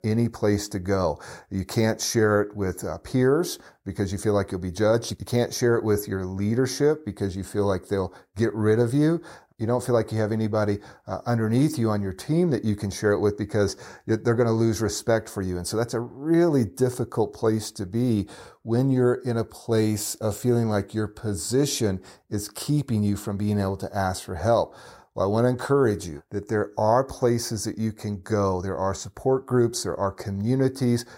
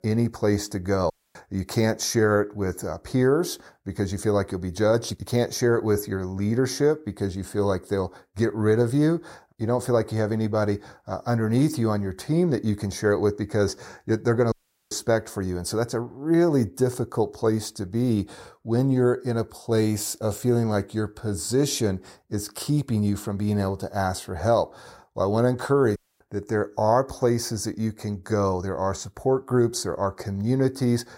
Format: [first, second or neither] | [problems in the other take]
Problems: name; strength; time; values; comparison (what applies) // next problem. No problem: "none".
first | audio cutting out; at 1 s, at 15 s and at 26 s